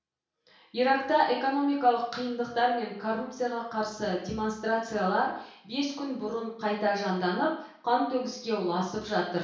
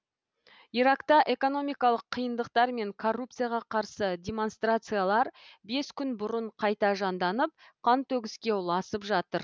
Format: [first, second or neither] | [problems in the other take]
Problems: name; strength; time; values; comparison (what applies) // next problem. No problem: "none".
second | room echo; dies away in 0.6 s